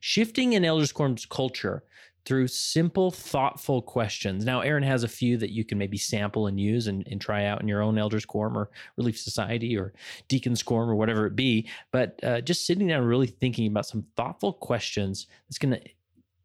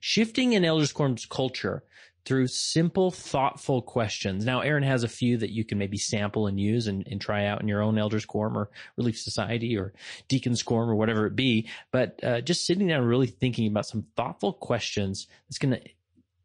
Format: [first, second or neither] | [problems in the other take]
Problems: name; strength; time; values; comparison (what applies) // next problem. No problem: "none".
first | garbled, watery; slightly; nothing above 8.5 kHz